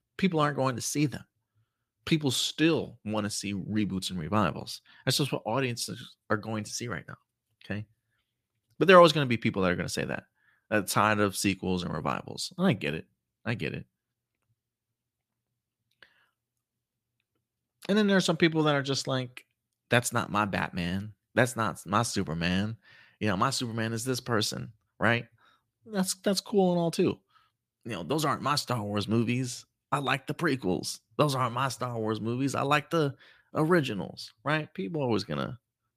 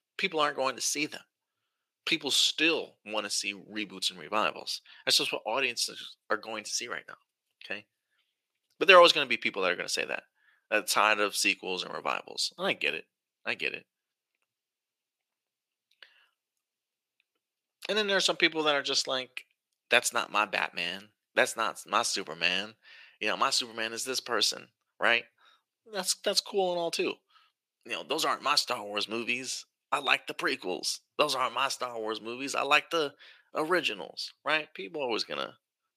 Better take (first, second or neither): first